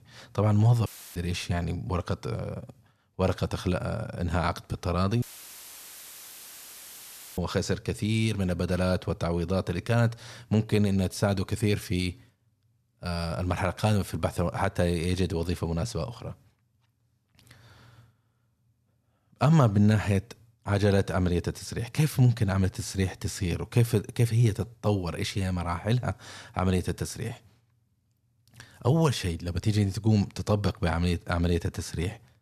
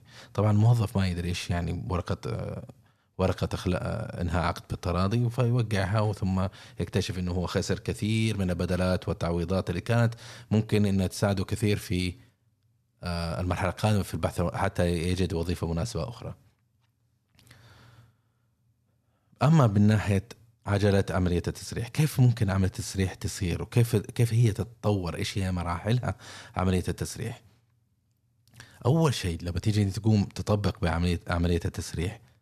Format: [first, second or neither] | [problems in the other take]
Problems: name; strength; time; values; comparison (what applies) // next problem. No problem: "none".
second | audio cutting out; filled with static; at 1 s and at 5 s for 2 s